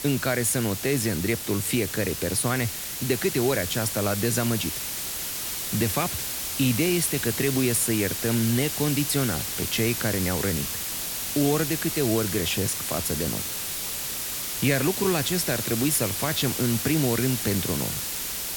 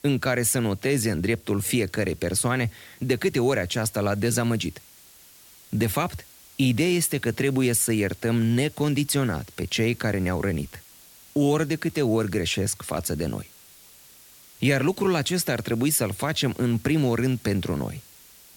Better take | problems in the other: second | hiss; loud; throughout; 2 dB below the speech; faint in the second

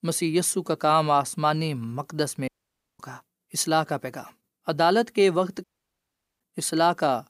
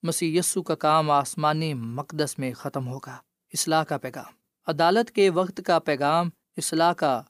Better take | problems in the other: second | audio cutting out; at 2.5 s for 0.5 s and at 5.5 s for 1 s

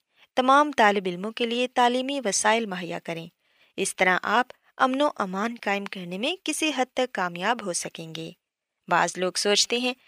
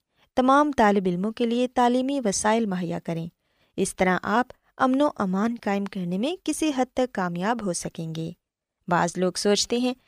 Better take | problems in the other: second | thin; very slightly; fading below 500 Hz

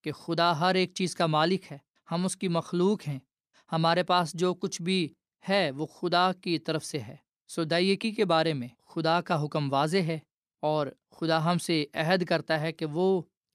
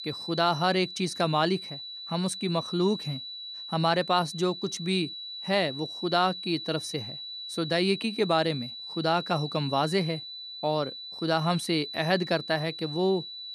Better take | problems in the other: first | high-pitched whine; loud; throughout; 4 kHz, 9 dB below the speech

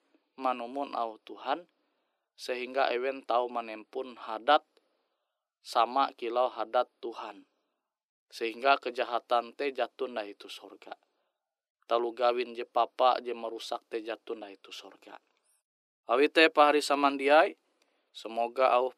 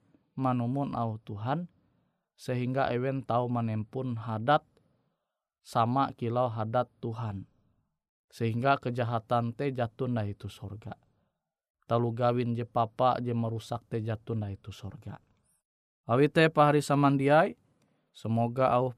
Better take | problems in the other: second | thin; somewhat; fading below 300 Hz

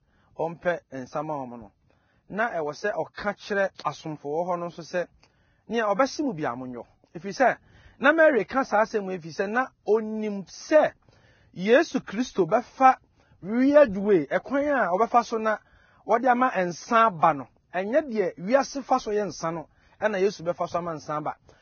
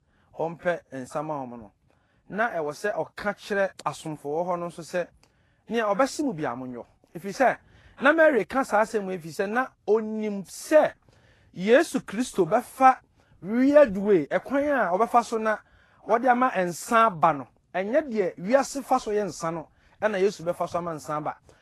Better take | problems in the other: second | garbled, watery; badly; nothing above 6.5 kHz; slightly in the second

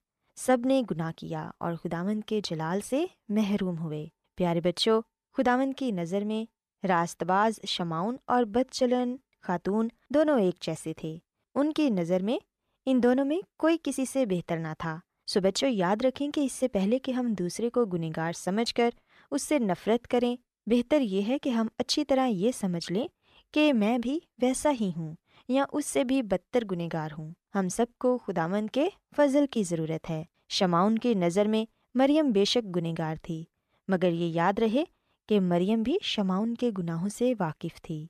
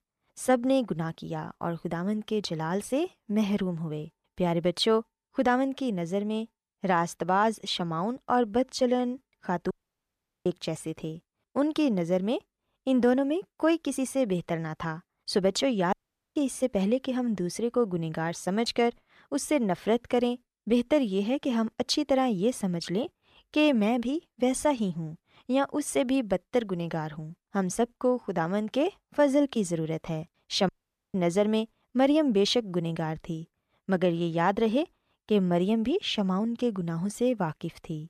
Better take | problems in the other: first | audio cutting out; at 9.5 s for 1 s, at 16 s and at 31 s

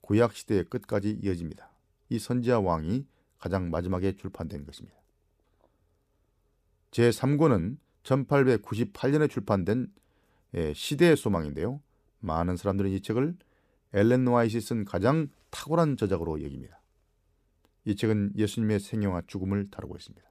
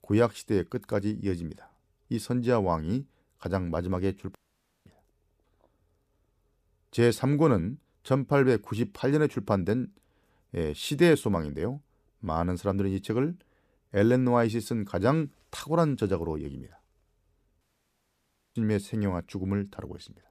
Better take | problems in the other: first | audio cutting out; at 4.5 s for 0.5 s and at 18 s for 1 s

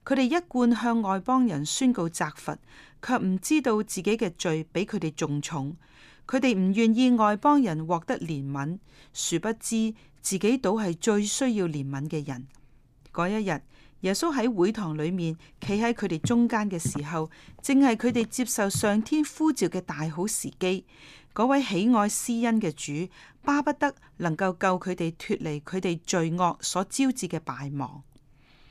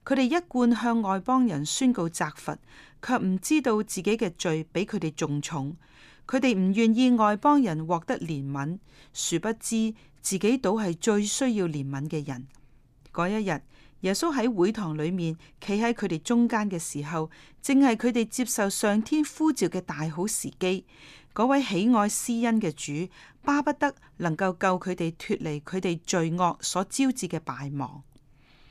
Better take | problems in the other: second | footsteps; noticeable; from 16 to 19 s; peak 9 dB below the speech

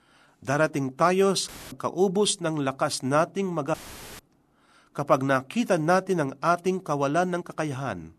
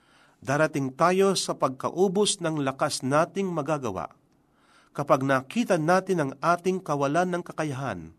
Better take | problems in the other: second | audio cutting out; filled with static; at 1.5 s and at 3.5 s

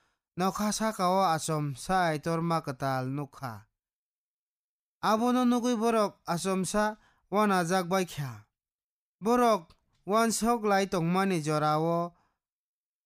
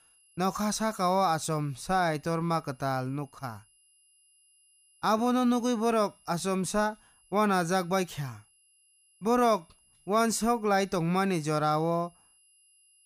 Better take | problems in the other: first | high-pitched whine; faint; throughout; 11 kHz, 35 dB below the speech

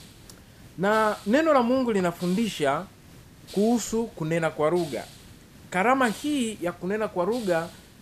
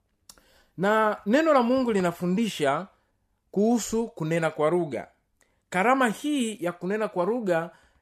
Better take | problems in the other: second | hiss; noticeable; throughout; 20 dB below the speech

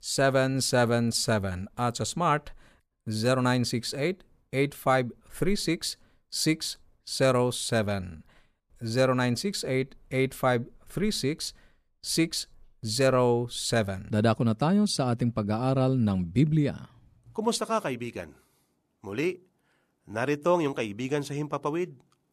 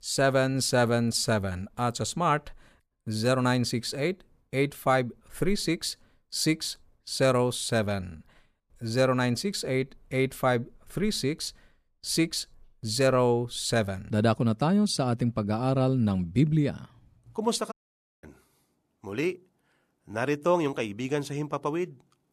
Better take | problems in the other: first | audio cutting out; at 18 s for 0.5 s

